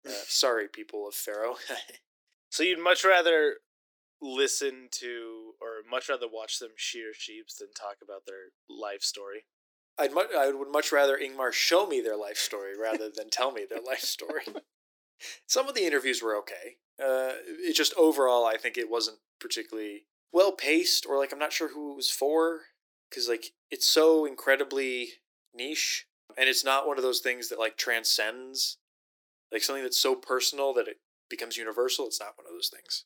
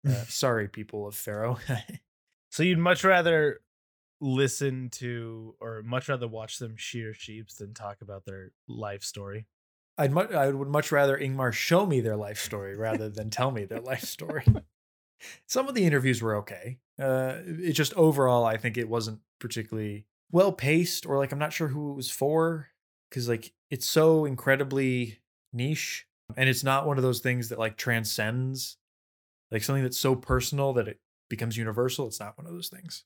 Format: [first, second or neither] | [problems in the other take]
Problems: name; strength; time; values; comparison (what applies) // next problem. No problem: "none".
second | thin; very; fading below 300 Hz